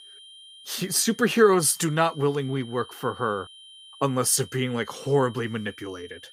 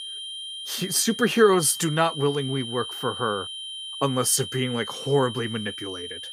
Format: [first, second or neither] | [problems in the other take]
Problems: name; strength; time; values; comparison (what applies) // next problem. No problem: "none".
first | high-pitched whine; loud; throughout; 3 kHz, 9 dB below the speech; faint in the first